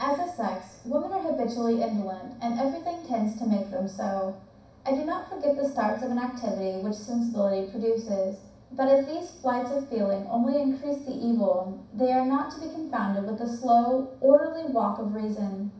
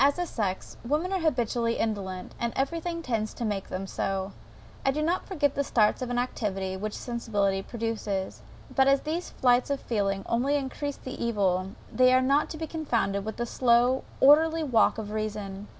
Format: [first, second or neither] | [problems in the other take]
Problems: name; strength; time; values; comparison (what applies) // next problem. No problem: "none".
second | room echo; dies away in 0.6 s